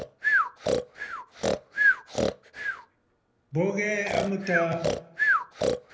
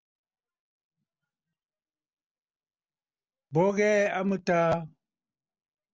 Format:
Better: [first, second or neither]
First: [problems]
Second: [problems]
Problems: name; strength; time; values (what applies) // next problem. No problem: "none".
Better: second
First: background sound (Breathing); 5 dB above the speech // room echo; dies away in 0.7 s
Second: none